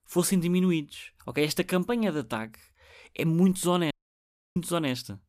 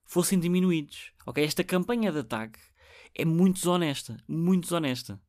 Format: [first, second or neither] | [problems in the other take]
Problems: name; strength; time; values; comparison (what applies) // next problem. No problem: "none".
second | audio cutting out; at 4 s for 0.5 s